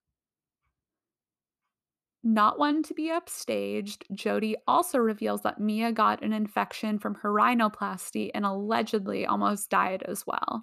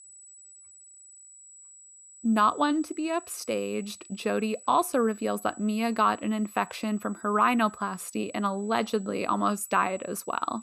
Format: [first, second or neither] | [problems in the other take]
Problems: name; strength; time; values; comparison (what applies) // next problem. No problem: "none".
first | high-pitched whine; noticeable; throughout; 8 kHz, 20 dB below the speech